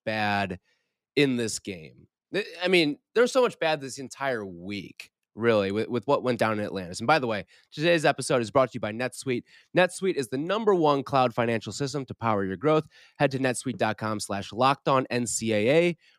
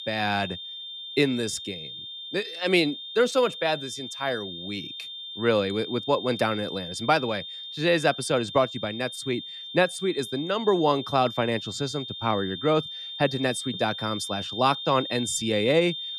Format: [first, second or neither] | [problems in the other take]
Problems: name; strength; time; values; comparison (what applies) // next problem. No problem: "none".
first | high-pitched whine; loud; throughout; 3.5 kHz, 9 dB below the speech